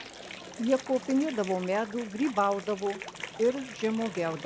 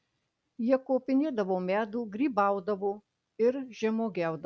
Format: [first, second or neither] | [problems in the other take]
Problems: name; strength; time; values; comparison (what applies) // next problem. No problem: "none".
second | background sound (Water); 13 dB below the speech